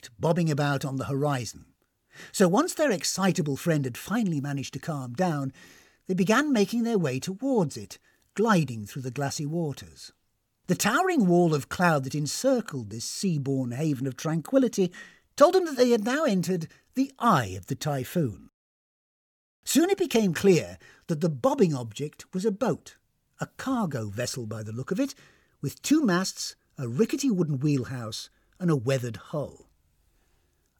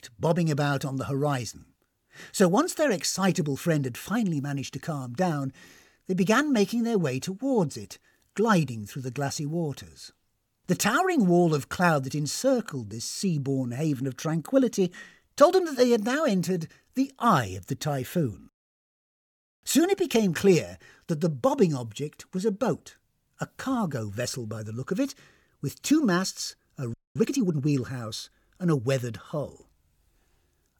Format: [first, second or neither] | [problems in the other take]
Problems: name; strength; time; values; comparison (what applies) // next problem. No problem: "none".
first | audio freezing; at 27 s